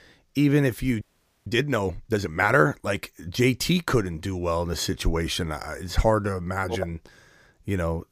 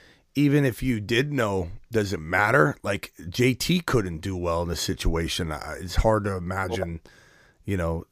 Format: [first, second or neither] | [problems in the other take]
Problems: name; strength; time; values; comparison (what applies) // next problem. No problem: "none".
second | audio freezing; at 1 s